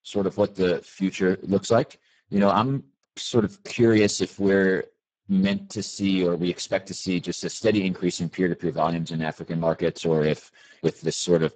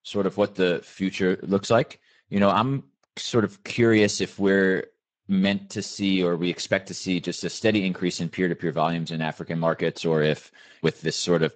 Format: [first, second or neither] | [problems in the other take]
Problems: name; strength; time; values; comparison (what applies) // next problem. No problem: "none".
second | garbled, watery; badly; nothing above 8 kHz; slightly in the second